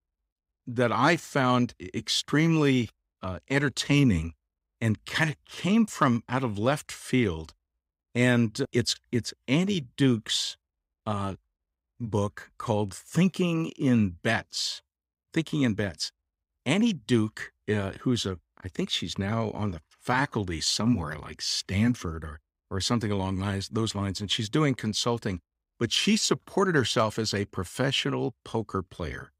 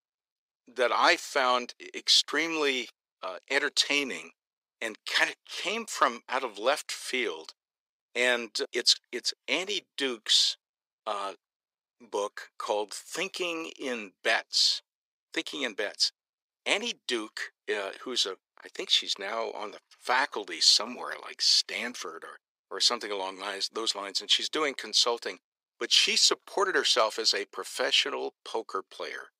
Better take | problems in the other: first | thin; very; fading below 400 Hz

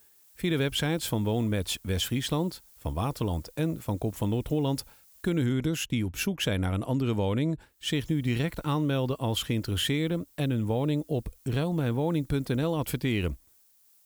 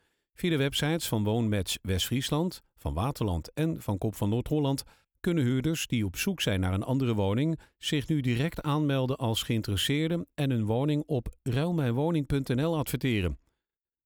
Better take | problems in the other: second | hiss; faint; until 5.5 s and from 8 s on; 25 dB below the speech

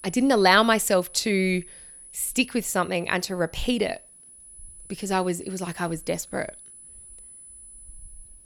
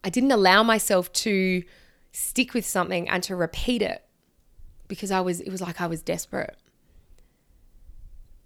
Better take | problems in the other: second | high-pitched whine; noticeable; throughout; 10 kHz, 20 dB below the speech

